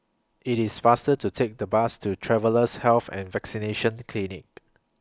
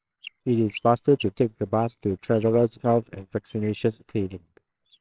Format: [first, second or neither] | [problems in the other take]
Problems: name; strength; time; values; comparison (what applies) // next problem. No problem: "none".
first | noise reduction (neural separator model SepFormer WHAMR!)